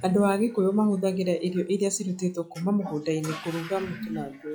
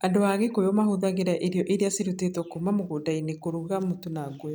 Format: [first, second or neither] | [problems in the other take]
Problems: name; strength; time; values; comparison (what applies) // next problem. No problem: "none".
second | noise reduction (classical method log-MMSE)